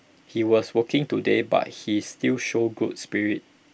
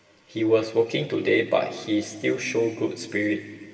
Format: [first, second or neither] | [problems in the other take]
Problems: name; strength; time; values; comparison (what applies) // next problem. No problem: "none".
first | room echo; dies away in 2 s